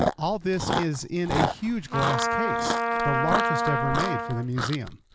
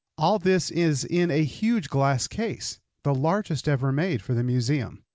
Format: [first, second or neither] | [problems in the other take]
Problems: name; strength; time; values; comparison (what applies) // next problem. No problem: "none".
second | background sound (Chewing, mastication + Trumpet); 2 dB above the speech